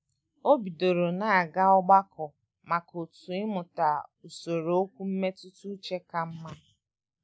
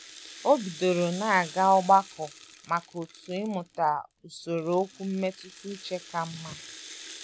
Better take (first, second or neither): first